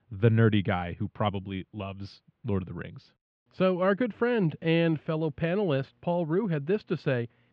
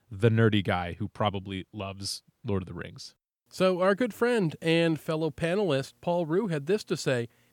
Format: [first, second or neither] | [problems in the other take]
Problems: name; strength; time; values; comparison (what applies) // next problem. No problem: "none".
second | muffled; slightly; fading above 3 kHz